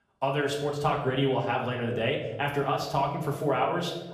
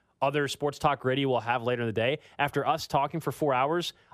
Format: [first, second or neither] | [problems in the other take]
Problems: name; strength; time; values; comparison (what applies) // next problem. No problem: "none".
second | room echo; slight; dies away in 0.9 s // off-mic speech; far